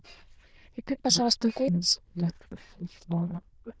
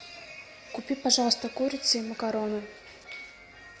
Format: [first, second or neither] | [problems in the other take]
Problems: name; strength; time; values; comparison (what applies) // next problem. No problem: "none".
second | noise reduction (neural diffusion model UNIVERSE++)